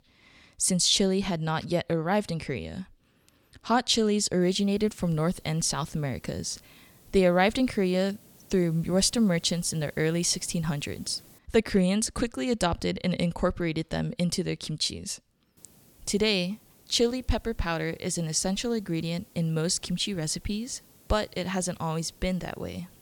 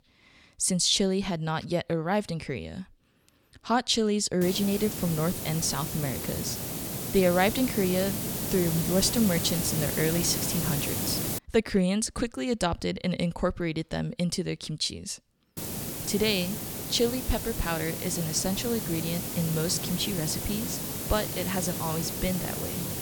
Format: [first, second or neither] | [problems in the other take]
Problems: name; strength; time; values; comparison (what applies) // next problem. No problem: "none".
first | hiss; loud; from 4.5 to 11 s and from 16 s on; 3 dB below the speech; faint in the first